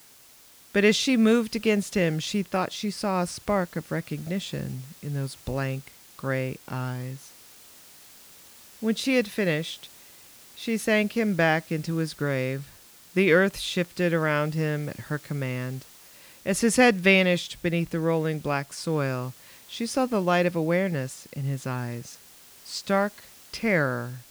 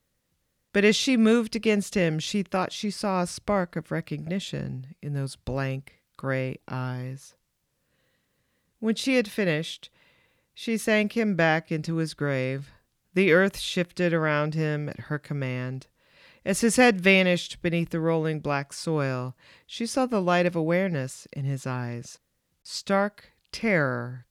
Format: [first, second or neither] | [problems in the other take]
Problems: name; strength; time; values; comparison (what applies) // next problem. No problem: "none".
second | hiss; faint; throughout; 20 dB below the speech